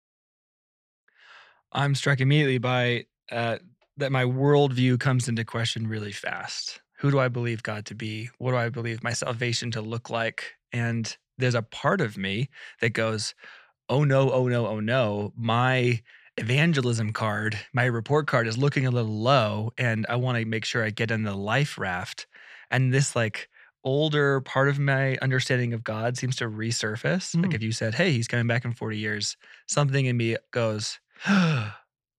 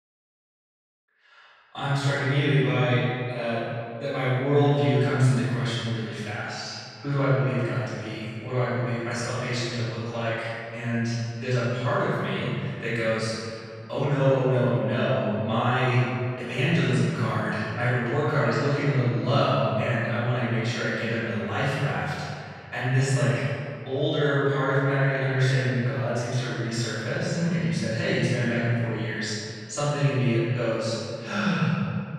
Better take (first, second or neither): first